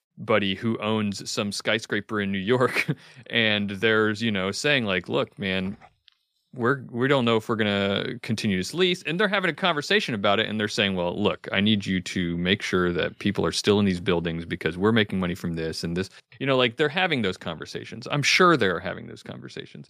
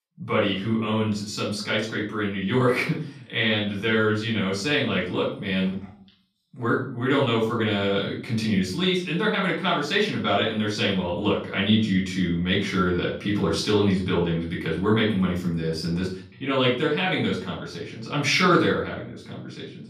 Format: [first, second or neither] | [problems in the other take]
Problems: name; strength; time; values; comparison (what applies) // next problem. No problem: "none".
first | off-mic speech; far // room echo; slight; dies away in 0.4 s